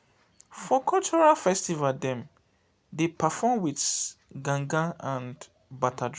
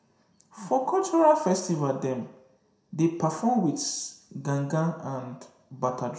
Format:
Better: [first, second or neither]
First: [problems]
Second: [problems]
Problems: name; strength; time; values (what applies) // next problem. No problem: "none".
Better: first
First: none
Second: room echo; dies away in 0.6 s